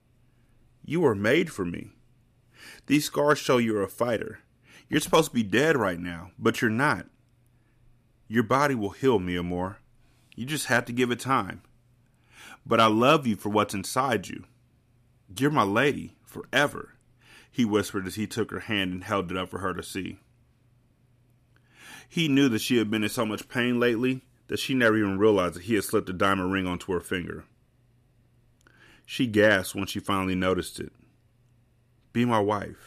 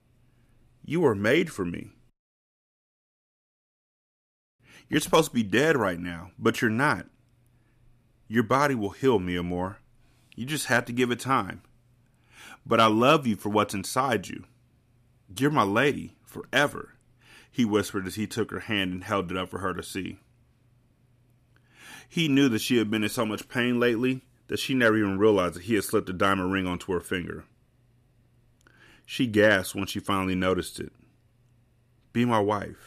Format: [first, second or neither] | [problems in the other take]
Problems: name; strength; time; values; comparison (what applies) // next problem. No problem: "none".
first | audio cutting out; at 2 s for 2.5 s